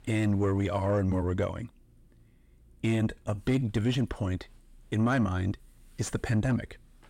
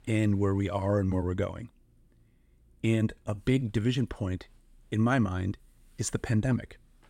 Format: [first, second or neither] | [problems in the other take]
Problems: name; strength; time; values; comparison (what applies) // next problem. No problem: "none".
second | distortion; slight; 10 dB below the speech